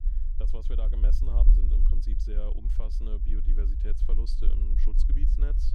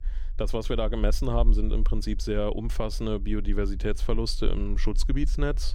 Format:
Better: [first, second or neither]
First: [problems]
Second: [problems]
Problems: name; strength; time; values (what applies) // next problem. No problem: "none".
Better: second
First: low rumble; loud; throughout; 4 dB below the speech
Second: low rumble; faint; throughout; 25 dB below the speech